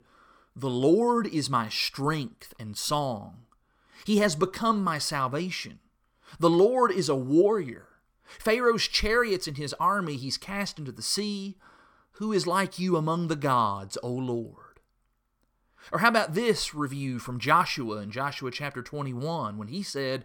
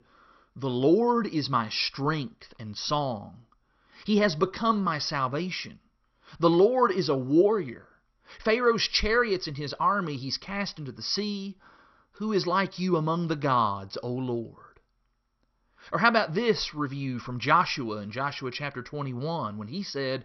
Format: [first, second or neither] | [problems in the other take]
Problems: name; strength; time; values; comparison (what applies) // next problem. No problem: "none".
first | garbled, watery; slightly; nothing above 6 kHz